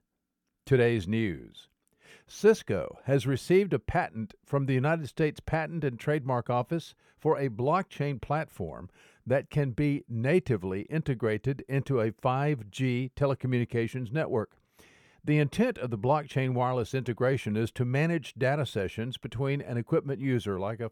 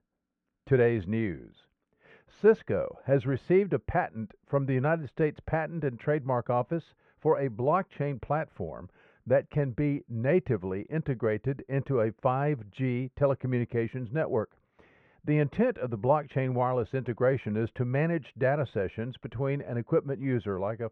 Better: first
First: none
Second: muffled; very; fading above 1.5 kHz

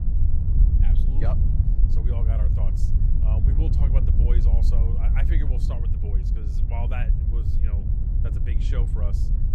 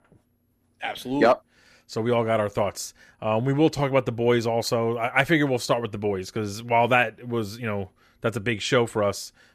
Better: second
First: wind noise on the microphone; heavy; 1 dB above the speech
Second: none

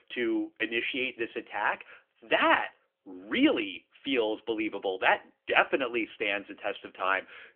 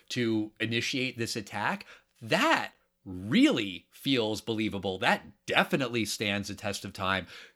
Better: second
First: phone-call audio; nothing above 3 kHz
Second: none

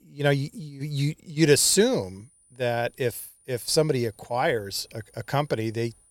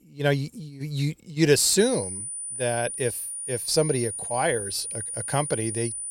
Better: first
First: high-pitched whine; faint; from 2 s on; 9.5 kHz, 30 dB below the speech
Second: high-pitched whine; loud; from 2 s on; 9.5 kHz, 5 dB below the speech

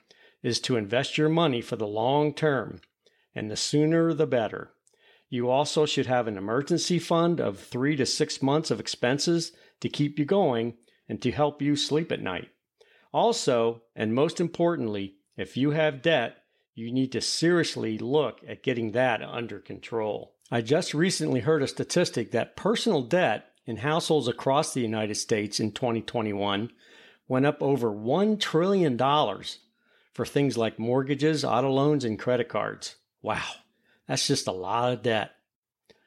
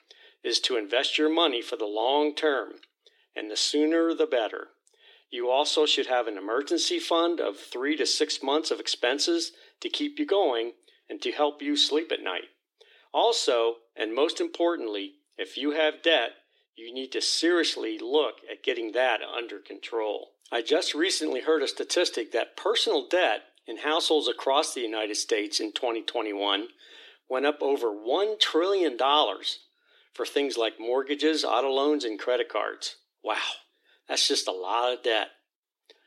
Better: first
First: none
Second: thin; somewhat; fading below 300 Hz

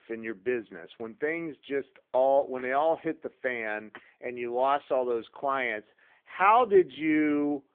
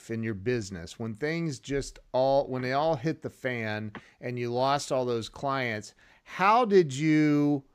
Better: second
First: phone-call audio; poor line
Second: none

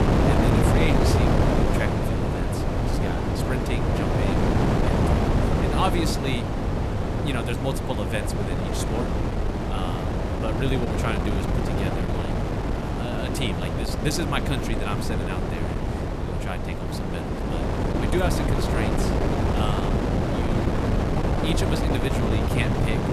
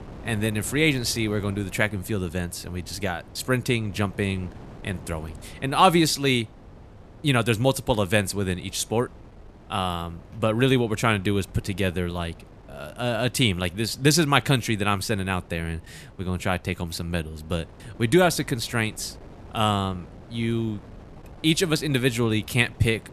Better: second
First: wind noise on the microphone; heavy; 4 dB above the speech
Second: wind noise on the microphone; occasional gusts; 25 dB below the speech

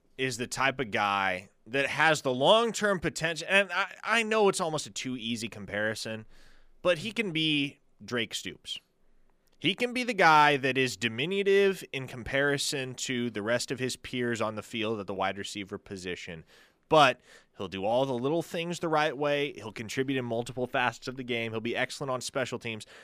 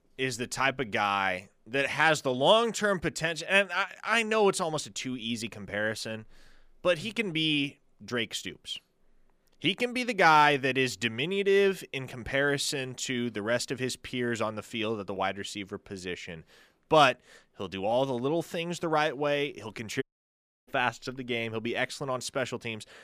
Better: first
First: none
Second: audio cutting out; at 20 s for 0.5 s

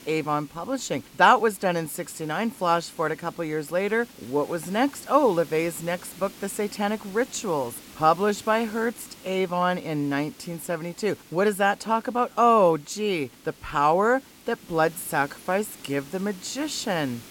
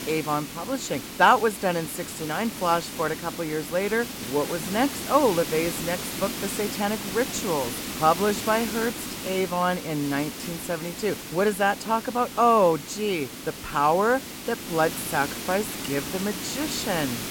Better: first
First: hiss; faint; throughout; 20 dB below the speech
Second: hiss; loud; throughout; 7 dB below the speech

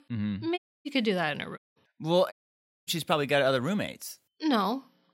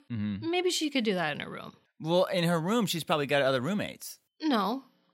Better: second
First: audio cutting out; at 0.5 s, at 1.5 s and at 2.5 s for 0.5 s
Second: none

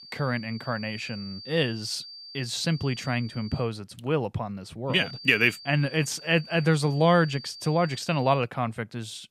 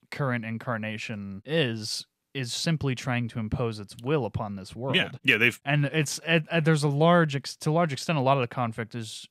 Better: second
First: high-pitched whine; noticeable; until 3.5 s and from 5 to 8.5 s; 4.5 kHz, 15 dB below the speech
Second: none

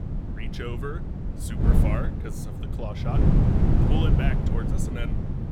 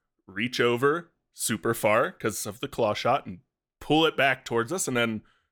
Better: second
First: wind noise on the microphone; heavy; 2 dB above the speech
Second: none

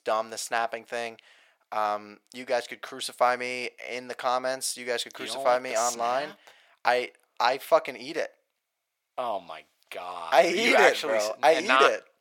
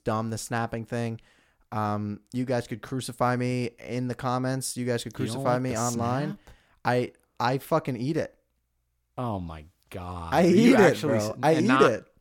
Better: second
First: thin; very; fading below 600 Hz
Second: none

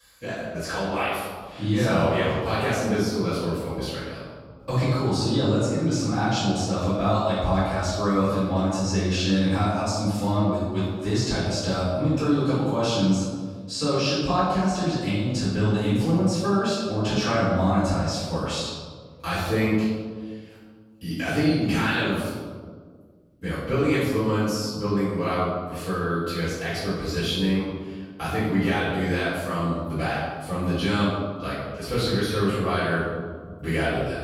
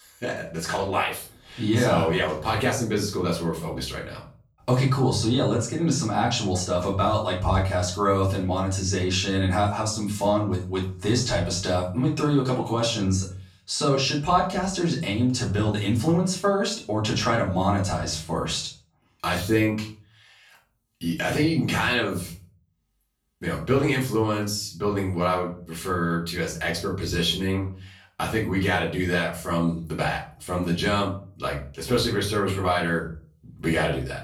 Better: second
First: room echo; strong; dies away in 1.5 s // off-mic speech; far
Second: room echo; slight; dies away in 0.4 s // off-mic speech; far

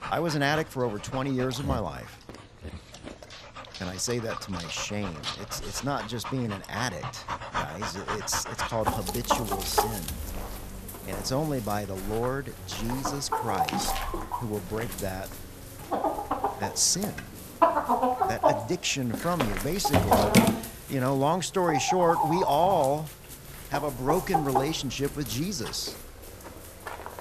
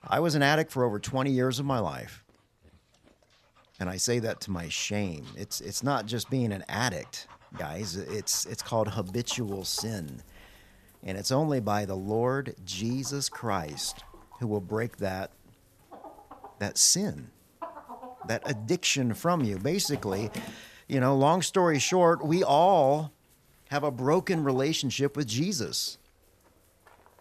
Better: second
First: animal sounds; loud; throughout; 1 dB below the speech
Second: animal sounds; faint; throughout; 20 dB below the speech

